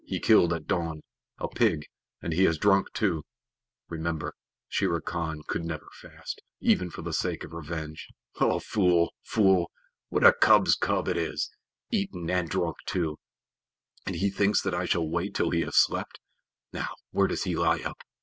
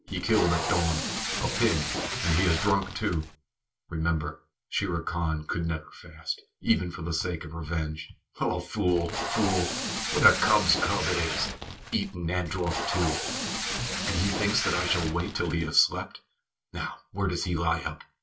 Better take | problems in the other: first | background sound (Packing tape, duct tape); 3 dB below the speech // room echo; dies away in 0.2 s

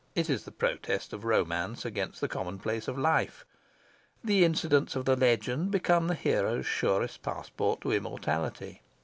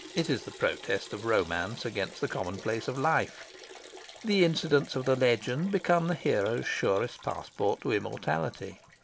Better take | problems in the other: first | background sound (Liquid); 19 dB below the speech

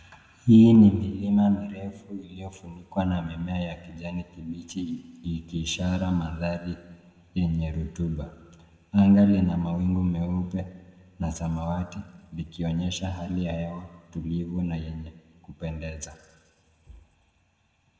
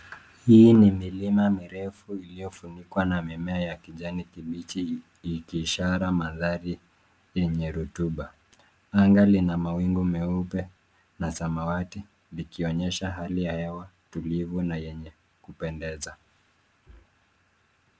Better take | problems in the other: second | room echo; dies away in 1.5 s

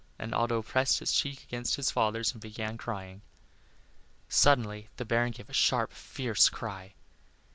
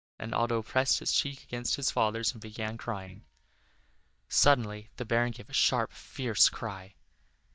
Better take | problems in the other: first | noise reduction (neural mask model DeepFilterNet 3)

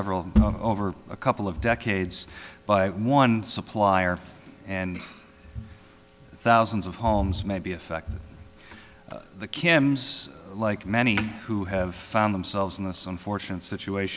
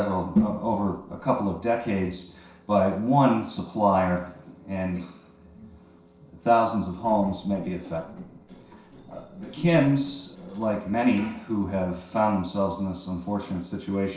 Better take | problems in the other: first | noise reduction (neural separator model SepFormer DNS4)

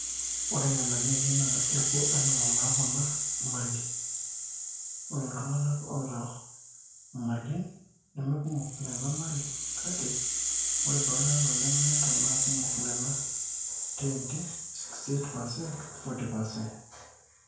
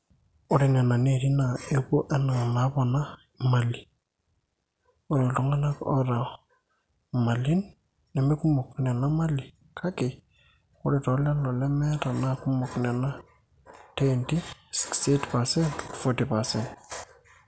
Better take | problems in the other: second | background sound (Rattle (instrument)); 4 dB above the speech // room echo; dies away in 0.5 s

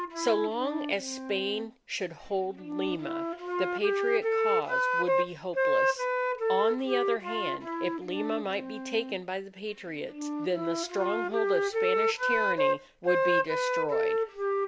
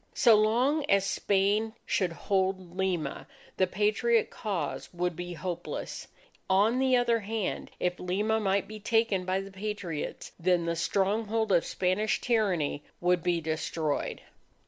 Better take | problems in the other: second | background sound (Wind instrument, woodwind instrument); 3 dB above the speech

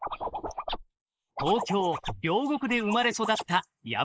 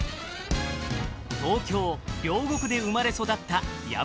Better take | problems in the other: second | noise reduction (neural mask model Resemble Enhance denoiser)

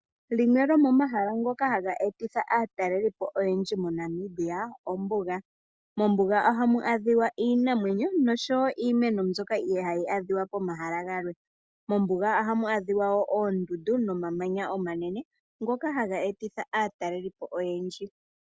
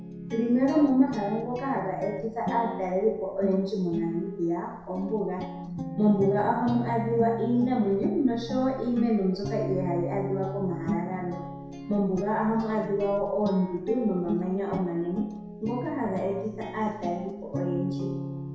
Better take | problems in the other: first | background sound (Guitar); 7 dB below the speech // room echo; dies away in 0.7 s

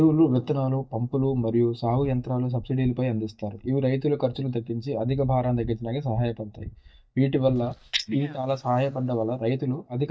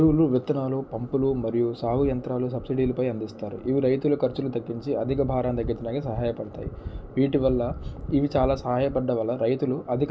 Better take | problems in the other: second | noise reduction (neural mask model DeepFilterNet 3)

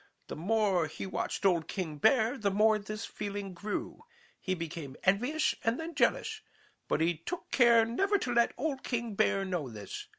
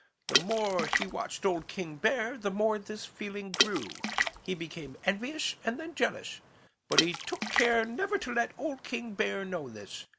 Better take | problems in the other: first | background sound (Water / Splash, splatter); 3 dB below the speech

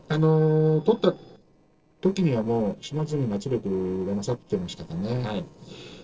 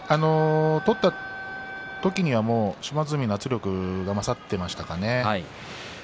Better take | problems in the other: second | noise reduction (neural separator model SepFormer DNS4)

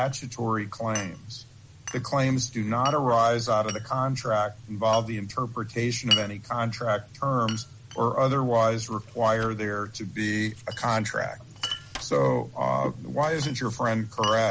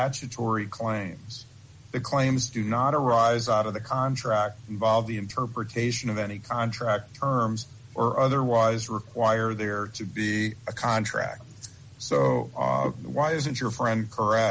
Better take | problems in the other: second | background sound (Glass); 13 dB below the speech

